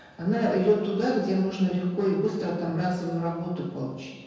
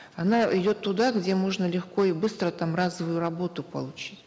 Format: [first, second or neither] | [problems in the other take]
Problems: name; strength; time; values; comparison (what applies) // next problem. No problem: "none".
second | room echo; dies away in 1.2 s